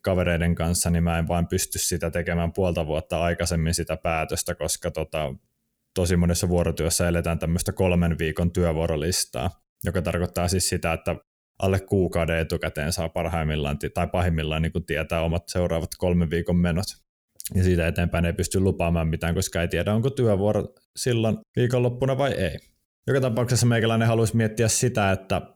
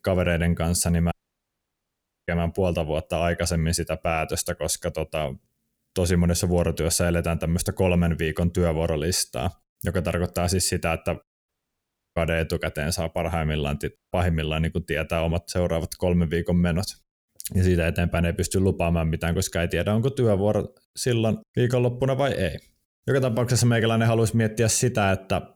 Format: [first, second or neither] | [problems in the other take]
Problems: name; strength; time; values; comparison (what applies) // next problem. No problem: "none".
first | audio cutting out; at 1 s for 1 s, at 11 s for 0.5 s and at 14 s